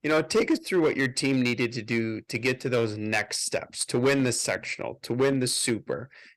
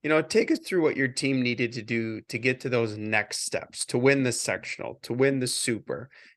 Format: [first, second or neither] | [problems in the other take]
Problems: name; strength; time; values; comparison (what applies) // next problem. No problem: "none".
second | distortion; slight; 4% of the sound clipped